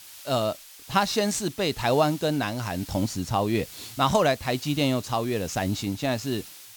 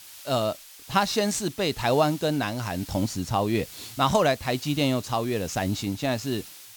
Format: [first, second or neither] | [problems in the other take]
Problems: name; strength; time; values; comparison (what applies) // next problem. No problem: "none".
neither | hiss; noticeable; throughout; 15 dB below the speech; the same in both